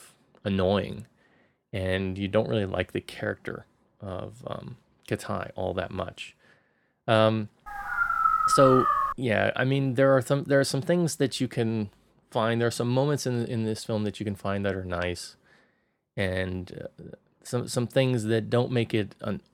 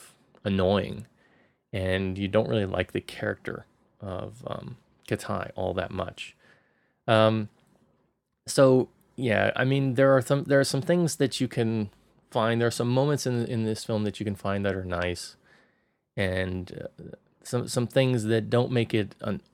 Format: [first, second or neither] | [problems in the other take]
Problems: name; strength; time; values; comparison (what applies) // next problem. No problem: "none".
second | dog barking; loud; from 7.5 to 9 s; peak 5 dB above the speech